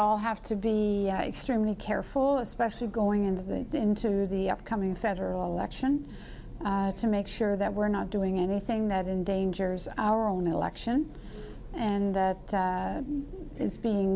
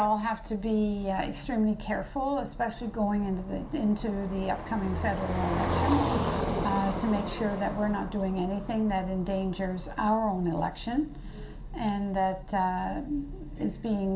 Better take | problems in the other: first | background sound (Car passing by); 7 dB below the speech // room echo; dies away in 0.4 s

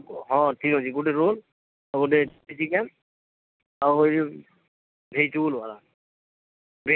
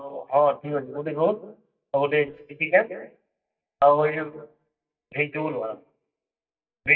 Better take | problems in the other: first | noise reduction (neural mask model DeepFilterNet 3)

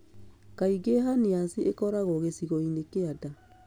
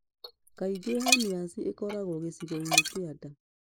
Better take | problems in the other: first | noise reduction (neural mask model Resemble Enhance denoiser)

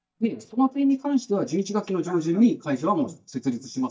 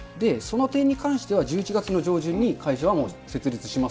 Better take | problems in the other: second | noise reduction (neural mask model DeepFilterNet 3)

